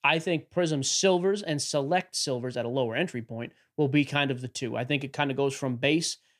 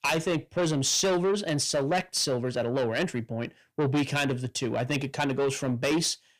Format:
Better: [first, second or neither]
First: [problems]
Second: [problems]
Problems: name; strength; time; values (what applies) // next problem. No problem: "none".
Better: first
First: none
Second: distortion; heavy; 7 dB below the speech